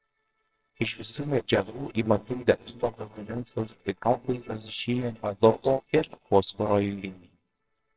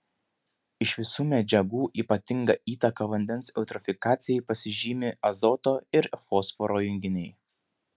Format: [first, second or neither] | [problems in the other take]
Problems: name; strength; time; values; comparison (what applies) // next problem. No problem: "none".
second | noise reduction (neural separator model SepFormer WHAMR!)